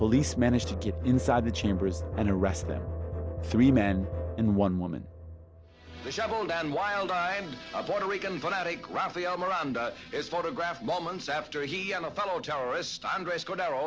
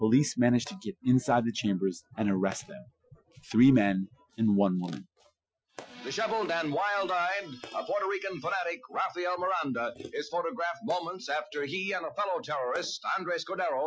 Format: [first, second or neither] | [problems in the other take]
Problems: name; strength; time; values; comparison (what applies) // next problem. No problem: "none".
first | noise reduction (classical method Wiener filter)